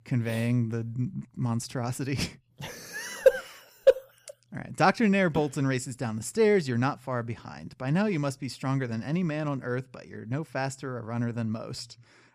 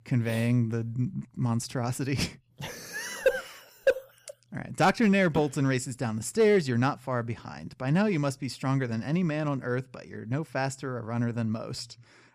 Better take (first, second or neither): first